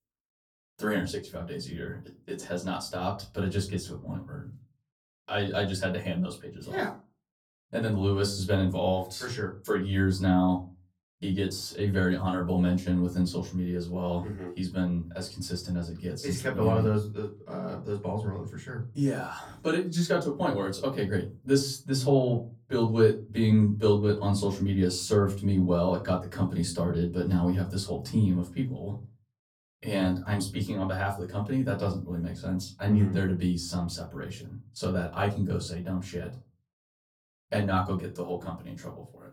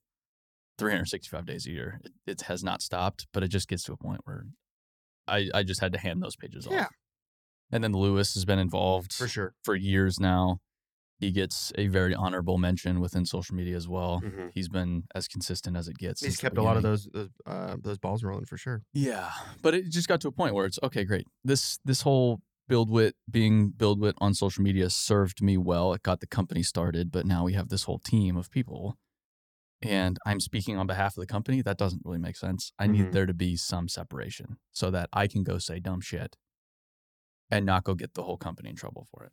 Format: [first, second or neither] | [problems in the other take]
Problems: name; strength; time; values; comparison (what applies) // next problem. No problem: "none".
second | off-mic speech; far // room echo; very slight; dies away in 0.3 s